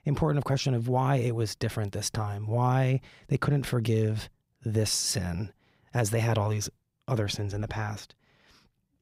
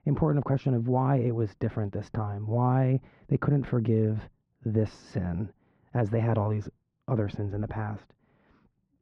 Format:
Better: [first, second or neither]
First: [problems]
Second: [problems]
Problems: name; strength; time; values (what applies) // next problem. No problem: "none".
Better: first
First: none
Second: muffled; very; fading above 1.5 kHz